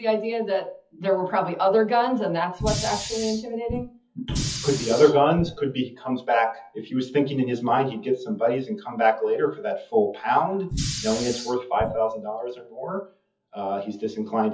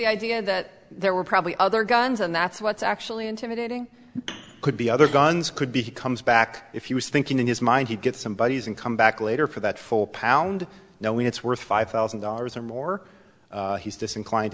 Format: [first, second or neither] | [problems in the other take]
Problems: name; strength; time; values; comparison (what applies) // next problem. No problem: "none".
second | noise reduction (classical method WPE with log-MMSE)